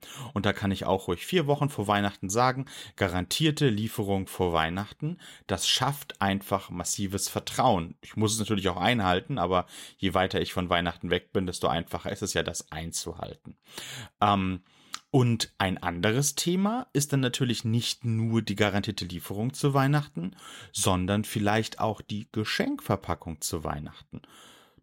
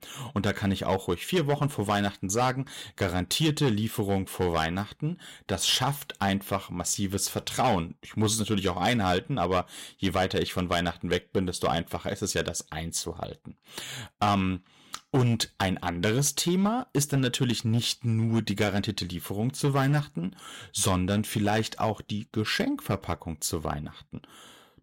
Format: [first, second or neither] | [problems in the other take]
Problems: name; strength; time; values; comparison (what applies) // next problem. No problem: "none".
first | distortion; slight; 4% of the sound clipped